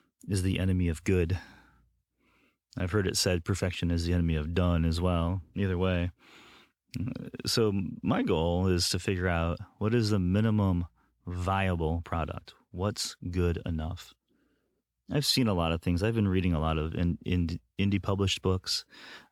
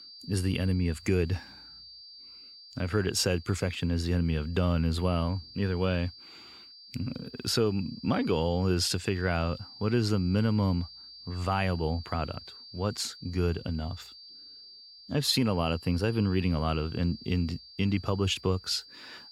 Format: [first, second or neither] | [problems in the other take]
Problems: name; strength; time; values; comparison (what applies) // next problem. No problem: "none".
first | high-pitched whine; noticeable; throughout; 4.5 kHz, 15 dB below the speech